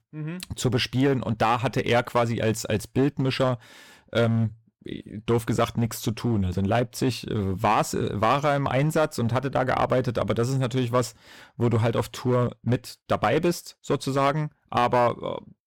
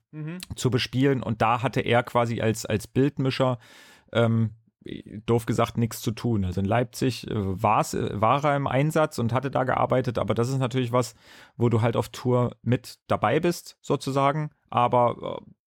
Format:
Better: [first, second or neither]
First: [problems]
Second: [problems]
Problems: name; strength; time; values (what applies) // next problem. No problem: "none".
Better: second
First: distortion; slight; 5% of the sound clipped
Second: none